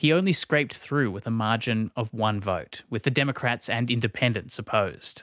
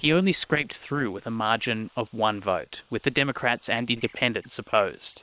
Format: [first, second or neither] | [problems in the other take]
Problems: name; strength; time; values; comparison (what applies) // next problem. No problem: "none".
first | noise reduction (neural separator model SepFormer WHAM!)